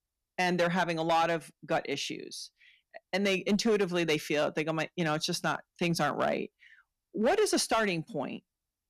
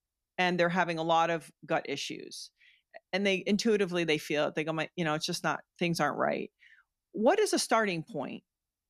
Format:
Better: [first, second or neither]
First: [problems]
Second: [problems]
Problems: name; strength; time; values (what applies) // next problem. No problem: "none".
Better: second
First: distortion; slight; 4% of the sound clipped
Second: none